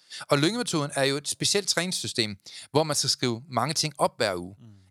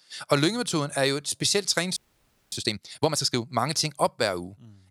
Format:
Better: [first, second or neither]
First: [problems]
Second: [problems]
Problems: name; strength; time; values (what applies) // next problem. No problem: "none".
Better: first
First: none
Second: audio freezing; at 2 s for 0.5 s